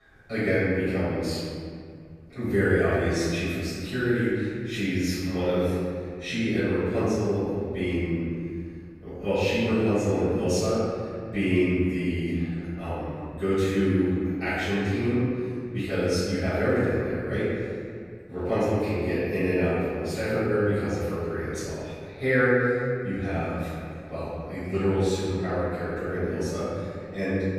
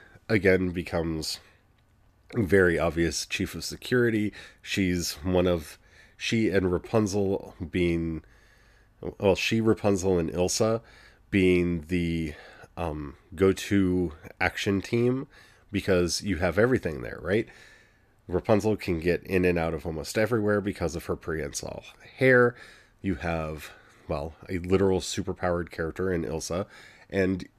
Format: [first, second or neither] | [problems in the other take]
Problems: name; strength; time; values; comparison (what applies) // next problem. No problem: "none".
second | off-mic speech; far // room echo; strong; dies away in 2.2 s